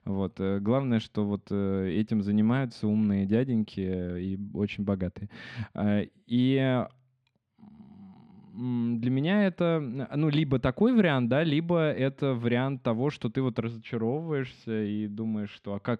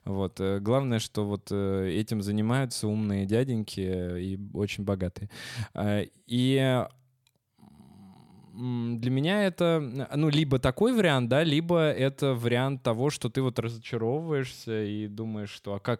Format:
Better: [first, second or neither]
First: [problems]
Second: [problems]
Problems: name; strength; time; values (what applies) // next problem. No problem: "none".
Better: second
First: muffled; slightly; fading above 2.5 kHz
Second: none